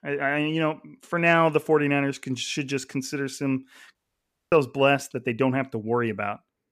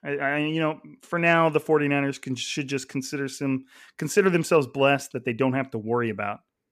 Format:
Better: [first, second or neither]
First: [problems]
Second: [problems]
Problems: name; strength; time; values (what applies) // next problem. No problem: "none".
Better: second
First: audio cutting out; at 4 s for 0.5 s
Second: none